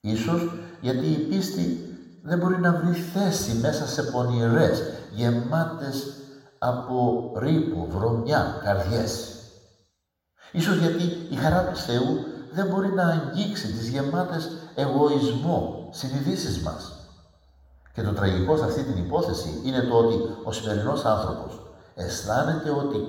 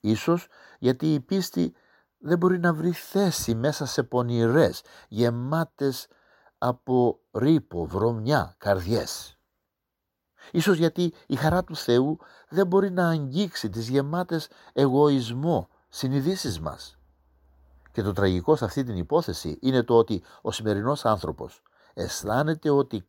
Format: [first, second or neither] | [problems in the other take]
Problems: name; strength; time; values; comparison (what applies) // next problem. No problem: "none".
second | room echo; noticeable; dies away in 1.1 s